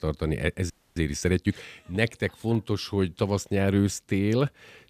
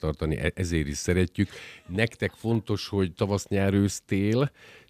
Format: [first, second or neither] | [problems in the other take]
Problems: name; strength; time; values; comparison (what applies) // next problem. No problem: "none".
second | audio freezing; at 0.5 s